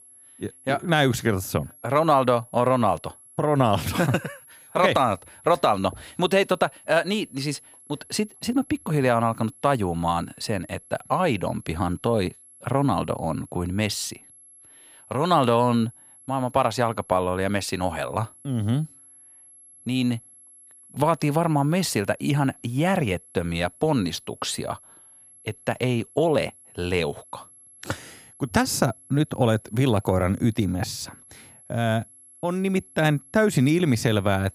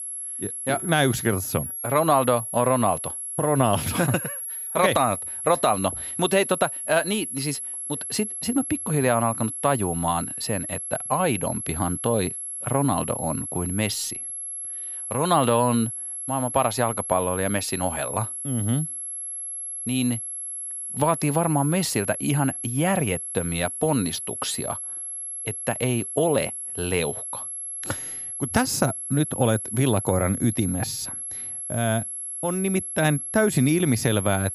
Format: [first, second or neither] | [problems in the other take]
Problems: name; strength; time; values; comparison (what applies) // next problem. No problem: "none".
first | high-pitched whine; loud; throughout; 11 kHz, 5 dB below the speech; faint in the first